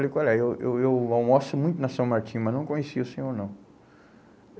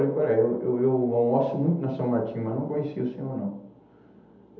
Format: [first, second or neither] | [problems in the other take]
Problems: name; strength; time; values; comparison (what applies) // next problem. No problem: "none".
first | room echo; dies away in 0.8 s